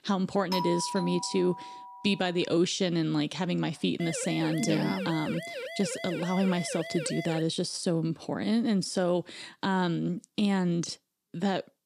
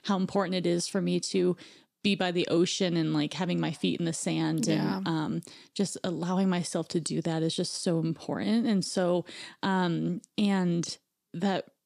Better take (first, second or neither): second